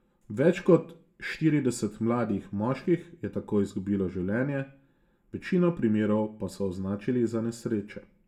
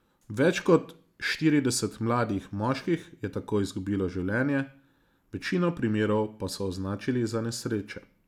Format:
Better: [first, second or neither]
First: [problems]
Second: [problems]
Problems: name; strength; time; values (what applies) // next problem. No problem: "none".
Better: second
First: room echo; dies away in 0.2 s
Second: none